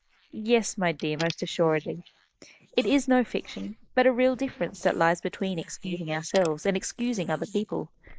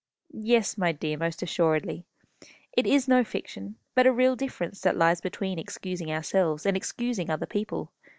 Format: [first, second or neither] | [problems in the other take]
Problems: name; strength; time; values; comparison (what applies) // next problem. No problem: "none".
second | noise reduction (neural mask model Resemble Enhance denoiser)